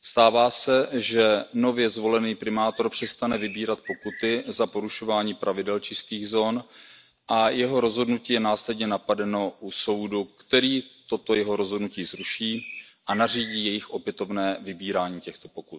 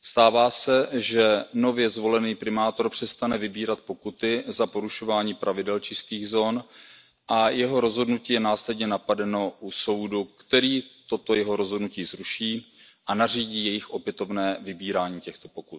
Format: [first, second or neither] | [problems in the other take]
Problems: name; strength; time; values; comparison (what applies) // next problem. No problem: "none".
second | background sound (Bird); 17 dB below the speech